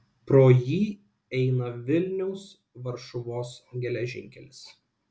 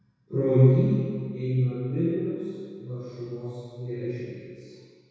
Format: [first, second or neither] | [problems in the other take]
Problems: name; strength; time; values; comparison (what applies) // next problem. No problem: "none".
first | room echo; dies away in 1.9 s